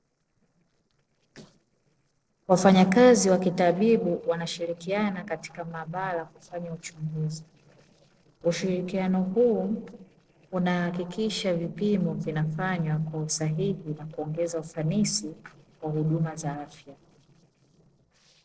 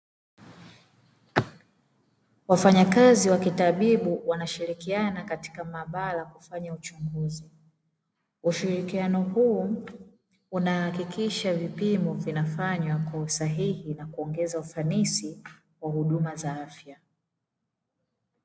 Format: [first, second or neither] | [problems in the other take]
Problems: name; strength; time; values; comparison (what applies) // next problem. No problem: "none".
second | noise reduction (neural separator model SepFormer DNS4)